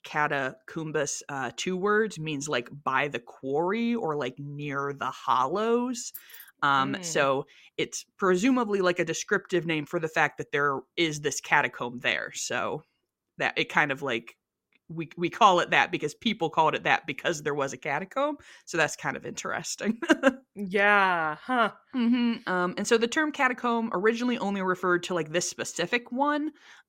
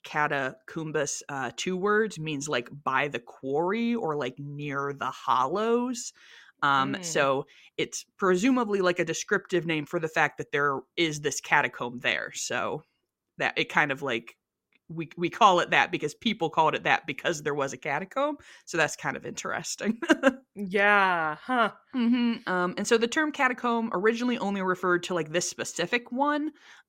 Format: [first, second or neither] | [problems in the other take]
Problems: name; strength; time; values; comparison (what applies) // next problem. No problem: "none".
second | jangling keys; faint; at 6 s; peak 15 dB below the speech